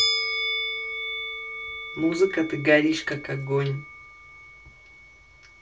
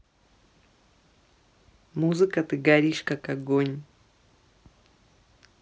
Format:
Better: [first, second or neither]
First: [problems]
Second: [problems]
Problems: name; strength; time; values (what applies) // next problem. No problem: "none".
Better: second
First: background sound (Musical instrument); 4 dB below the speech // room echo; dies away in 0.2 s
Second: none